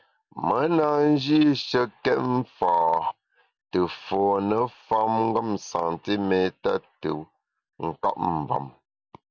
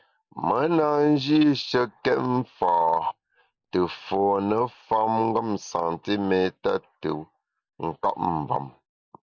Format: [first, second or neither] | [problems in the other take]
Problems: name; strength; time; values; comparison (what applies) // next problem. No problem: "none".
first | noise reduction (neural mask model Resemble Enhance denoiser)